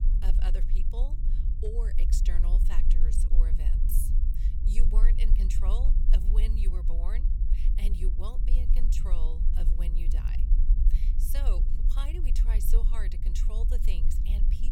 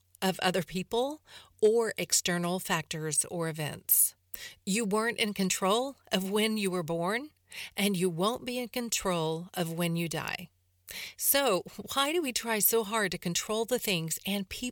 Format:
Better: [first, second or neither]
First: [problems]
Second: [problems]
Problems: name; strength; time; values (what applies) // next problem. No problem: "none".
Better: second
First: low rumble; loud; throughout; 5 dB below the speech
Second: none